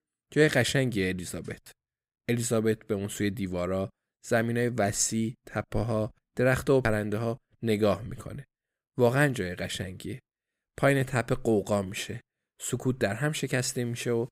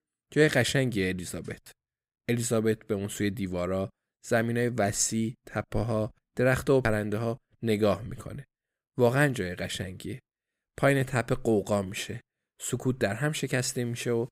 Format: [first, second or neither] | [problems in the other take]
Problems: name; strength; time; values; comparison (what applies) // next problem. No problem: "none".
neither | none